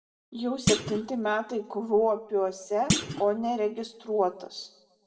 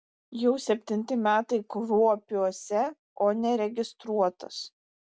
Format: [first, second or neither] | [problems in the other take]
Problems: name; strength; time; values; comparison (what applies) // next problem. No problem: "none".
second | background sound (Thump, thud); 4 dB below the speech // room echo; dies away in 0.7 s